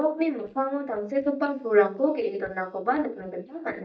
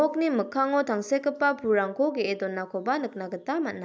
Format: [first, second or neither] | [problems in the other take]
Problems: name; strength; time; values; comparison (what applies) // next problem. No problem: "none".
second | noise reduction (neural mask model DeepFilterNet 3)